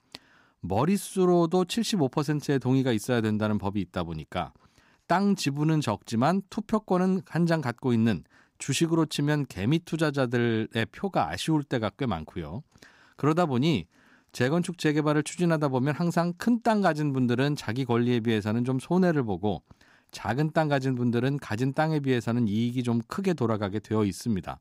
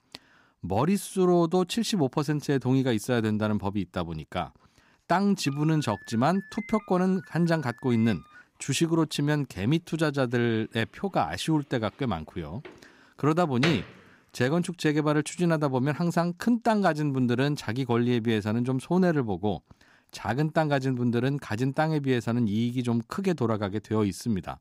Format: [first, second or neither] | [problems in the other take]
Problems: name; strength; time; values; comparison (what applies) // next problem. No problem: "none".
first | door banging; noticeable; from 13 to 14 s; peak 4 dB below the speech